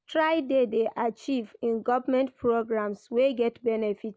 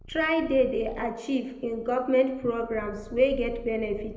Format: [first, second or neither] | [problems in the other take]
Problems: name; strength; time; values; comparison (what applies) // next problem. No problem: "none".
first | background sound (Purr); 17 dB below the speech // room echo; dies away in 0.7 s